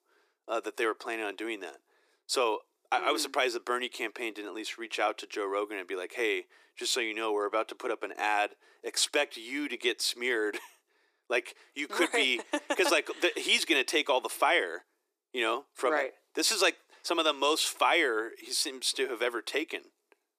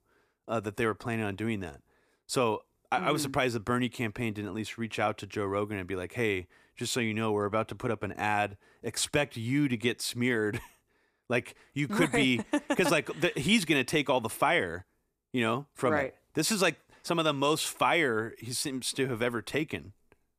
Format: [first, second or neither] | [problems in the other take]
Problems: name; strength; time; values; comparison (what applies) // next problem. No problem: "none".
second | thin; somewhat; fading below 350 Hz